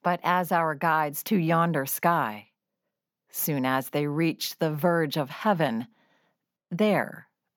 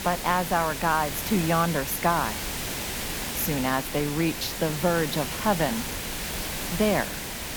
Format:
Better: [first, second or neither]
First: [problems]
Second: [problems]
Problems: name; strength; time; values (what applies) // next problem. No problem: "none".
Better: first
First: none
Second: hiss; loud; throughout; 5 dB below the speech